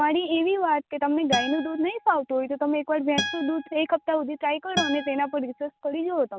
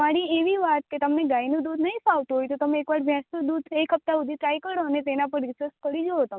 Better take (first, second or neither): second